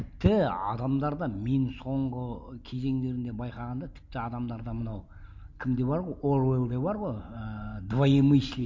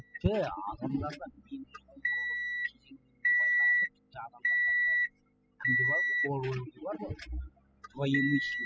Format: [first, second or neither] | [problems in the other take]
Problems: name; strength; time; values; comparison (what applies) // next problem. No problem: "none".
first | noise reduction (classical method spectral subtraction)